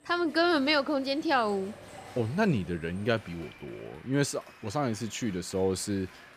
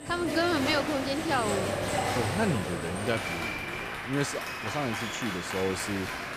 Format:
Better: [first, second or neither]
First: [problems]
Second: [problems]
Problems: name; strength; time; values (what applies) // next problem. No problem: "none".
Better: first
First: crowd noise; faint; throughout; 20 dB below the speech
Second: crowd noise; loud; throughout; 1 dB below the speech